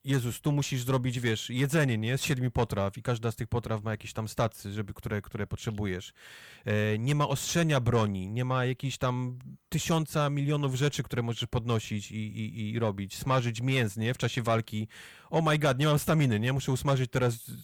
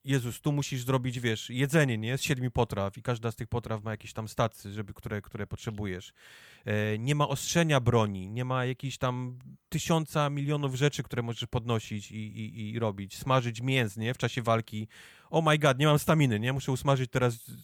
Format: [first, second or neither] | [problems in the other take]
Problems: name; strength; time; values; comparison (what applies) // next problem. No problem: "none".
second | distortion; slight; 10 dB below the speech